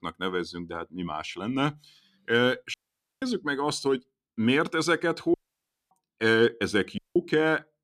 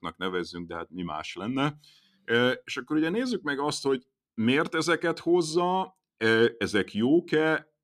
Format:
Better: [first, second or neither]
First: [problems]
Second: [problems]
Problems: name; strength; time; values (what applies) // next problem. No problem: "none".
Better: second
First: audio cutting out; at 2.5 s, at 5.5 s for 0.5 s and at 7 s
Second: none